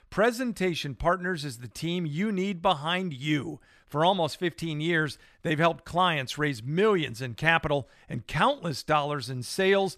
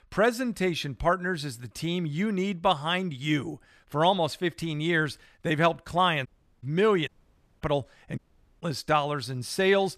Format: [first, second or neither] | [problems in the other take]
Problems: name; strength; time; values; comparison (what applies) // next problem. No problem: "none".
first | audio cutting out; at 6.5 s, at 7 s for 0.5 s and at 8 s